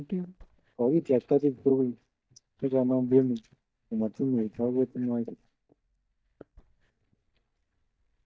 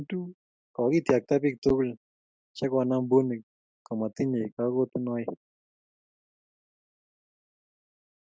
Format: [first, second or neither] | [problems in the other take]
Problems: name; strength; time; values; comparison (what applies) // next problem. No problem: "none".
second | noise reduction (neural mask model DeepFilterNet 3)